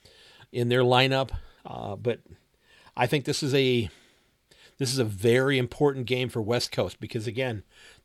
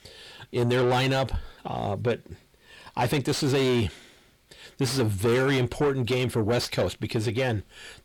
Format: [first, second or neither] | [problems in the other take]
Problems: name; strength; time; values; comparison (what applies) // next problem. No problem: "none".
first | distortion; heavy; 6 dB below the speech